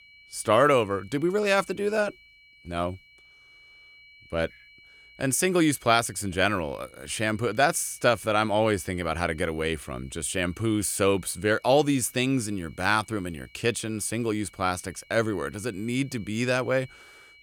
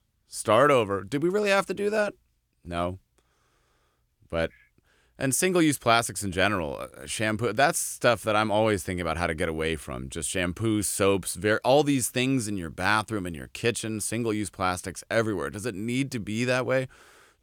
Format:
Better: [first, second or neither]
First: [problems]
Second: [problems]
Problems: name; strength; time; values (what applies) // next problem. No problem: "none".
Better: second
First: high-pitched whine; faint; throughout; 2.5 kHz, 25 dB below the speech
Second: none